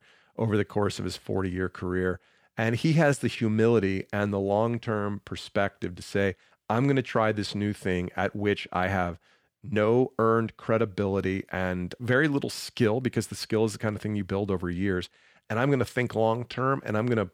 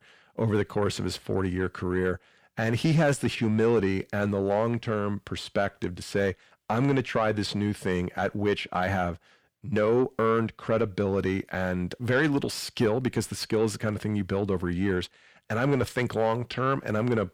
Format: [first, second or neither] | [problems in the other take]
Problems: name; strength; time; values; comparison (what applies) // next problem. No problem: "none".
first | distortion; slight; 10 dB below the speech